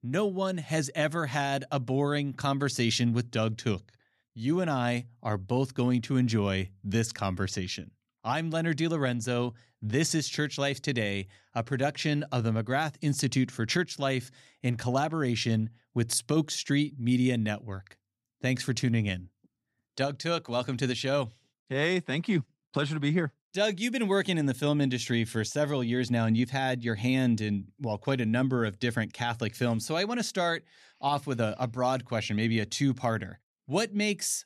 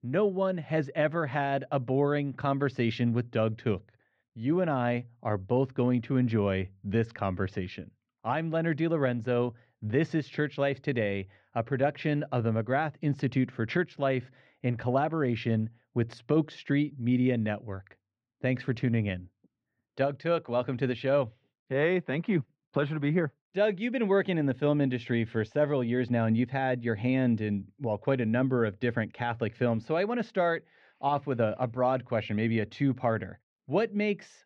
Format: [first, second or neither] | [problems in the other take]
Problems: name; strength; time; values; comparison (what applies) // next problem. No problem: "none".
first | muffled; very; fading above 2.5 kHz